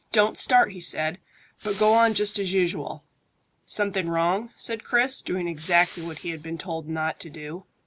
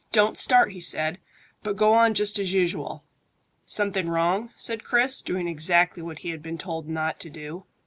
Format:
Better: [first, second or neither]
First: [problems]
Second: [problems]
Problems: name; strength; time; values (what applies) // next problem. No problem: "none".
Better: second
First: background sound (Respiratory sounds); 20 dB below the speech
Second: none